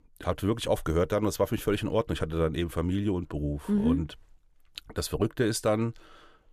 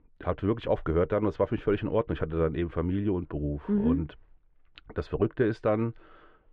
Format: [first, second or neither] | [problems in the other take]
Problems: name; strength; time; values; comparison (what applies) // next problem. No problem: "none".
first | muffled; very; fading above 2.5 kHz